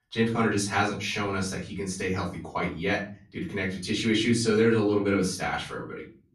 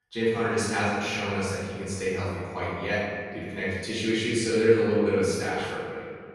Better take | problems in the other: first | room echo; strong; dies away in 1.9 s; slight in the first // off-mic speech; far; far in the first

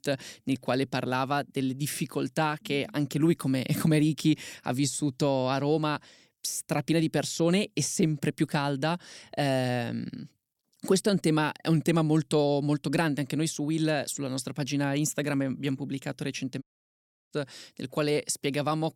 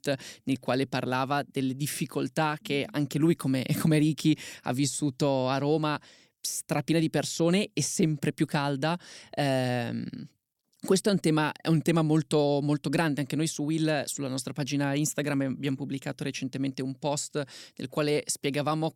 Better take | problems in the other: second | audio cutting out; at 17 s for 0.5 s

